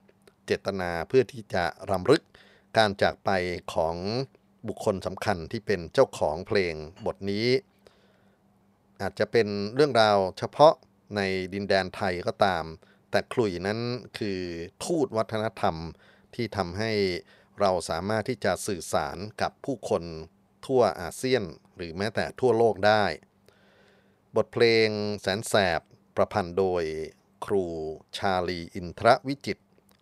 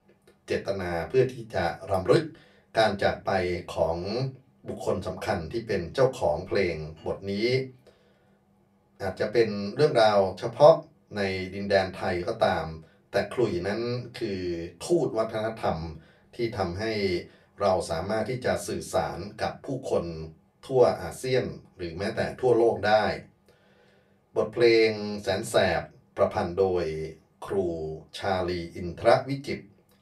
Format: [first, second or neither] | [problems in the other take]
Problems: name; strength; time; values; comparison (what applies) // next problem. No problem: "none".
first | off-mic speech; far // room echo; very slight; dies away in 0.2 s